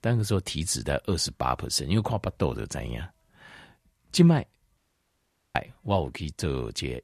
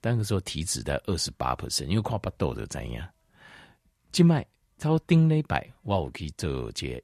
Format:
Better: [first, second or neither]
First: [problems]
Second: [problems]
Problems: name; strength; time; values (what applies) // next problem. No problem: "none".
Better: second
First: audio cutting out; at 5 s for 1 s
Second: none